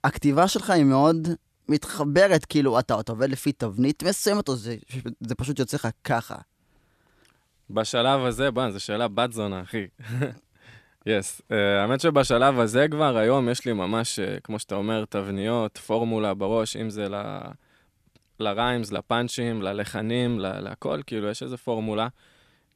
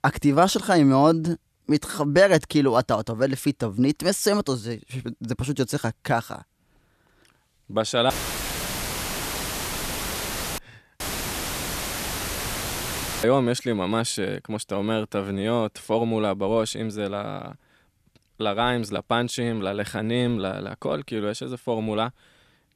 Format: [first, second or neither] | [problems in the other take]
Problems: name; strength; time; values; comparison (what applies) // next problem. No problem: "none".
first | audio cutting out; filled with static; at 8 s for 2.5 s and at 11 s for 2 s